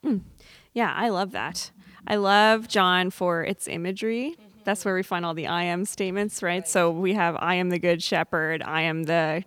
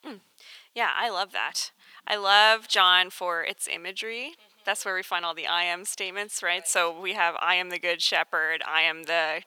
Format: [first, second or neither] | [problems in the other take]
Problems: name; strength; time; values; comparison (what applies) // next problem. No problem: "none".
first | thin; very; fading below 800 Hz